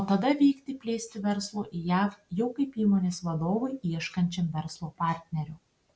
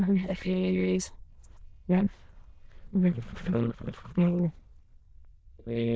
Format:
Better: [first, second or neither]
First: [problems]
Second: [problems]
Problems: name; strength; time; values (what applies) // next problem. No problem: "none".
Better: first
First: none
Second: noise reduction (neural diffusion model UNIVERSE++)